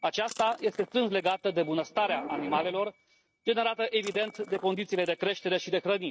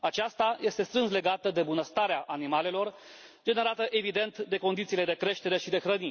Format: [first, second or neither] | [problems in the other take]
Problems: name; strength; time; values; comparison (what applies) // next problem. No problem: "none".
second | noise reduction (neural mask model RNNoise)